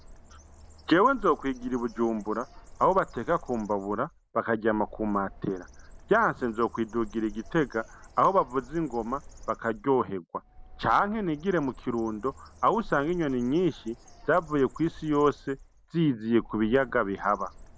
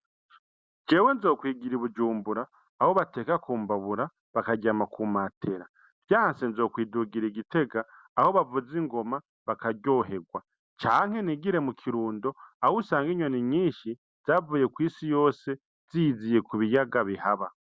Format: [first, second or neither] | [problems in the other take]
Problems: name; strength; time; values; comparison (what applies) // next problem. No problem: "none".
second | background sound (Bird); 19 dB below the speech